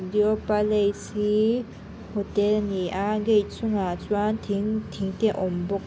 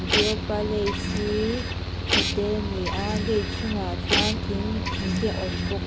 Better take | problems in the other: first | background sound (Mechanical fan + Printer); 2 dB above the speech

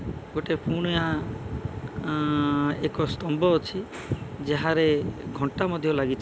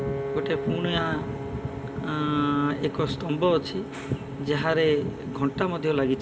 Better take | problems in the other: first | background sound (Piano); 10 dB below the speech // room echo; dies away in 1.1 s

